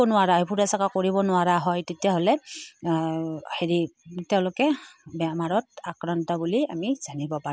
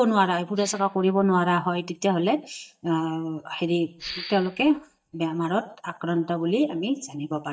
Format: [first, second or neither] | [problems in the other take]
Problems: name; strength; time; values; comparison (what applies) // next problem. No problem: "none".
first | noise reduction (neural mask model DeepFilterNet 3)